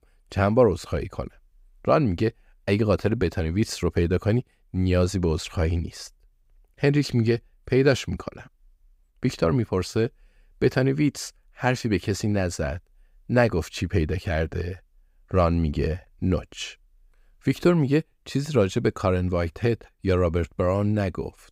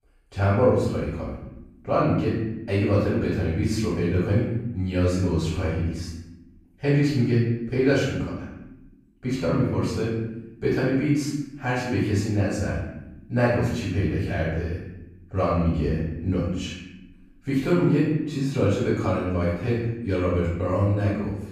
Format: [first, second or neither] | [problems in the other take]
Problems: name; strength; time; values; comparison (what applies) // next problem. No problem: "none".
first | room echo; strong; dies away in 0.9 s // off-mic speech; far